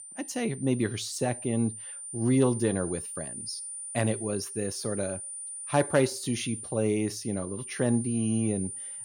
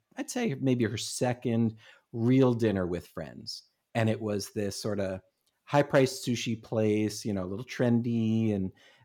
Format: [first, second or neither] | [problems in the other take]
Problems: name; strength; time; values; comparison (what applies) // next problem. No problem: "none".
second | high-pitched whine; loud; throughout; 9.5 kHz, 8 dB below the speech